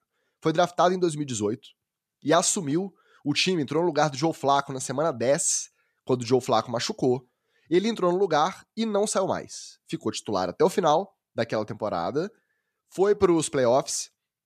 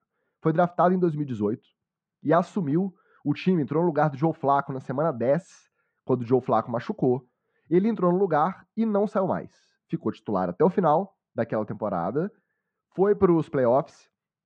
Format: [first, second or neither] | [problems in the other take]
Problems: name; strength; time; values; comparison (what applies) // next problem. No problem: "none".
first | muffled; very; fading above 1.5 kHz